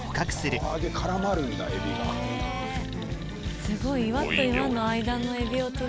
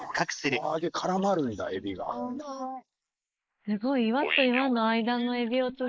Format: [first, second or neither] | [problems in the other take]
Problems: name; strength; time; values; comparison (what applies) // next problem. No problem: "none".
first | noise reduction (neural mask model Resemble Enhance denoiser)